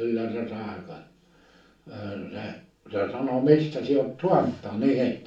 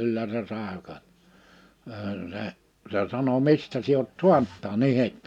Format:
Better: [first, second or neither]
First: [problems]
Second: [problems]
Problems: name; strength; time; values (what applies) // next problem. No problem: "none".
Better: second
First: room echo; dies away in 0.4 s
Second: none